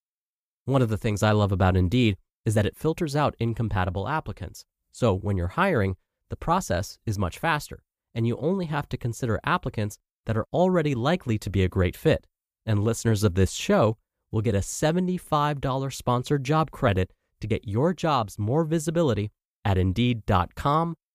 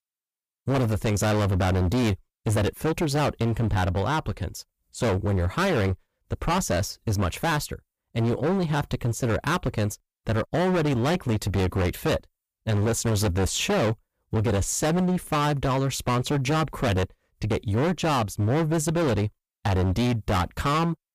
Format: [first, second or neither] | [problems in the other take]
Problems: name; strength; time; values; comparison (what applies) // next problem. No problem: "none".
first | distortion; heavy; 25% of the sound clipped